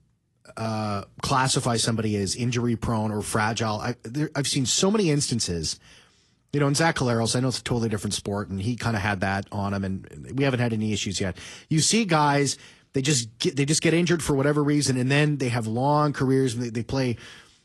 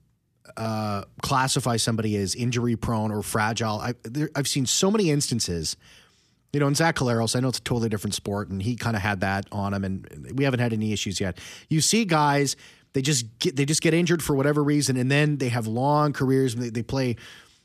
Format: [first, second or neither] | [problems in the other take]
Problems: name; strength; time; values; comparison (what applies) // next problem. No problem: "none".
second | garbled, watery; slightly; nothing above 11 kHz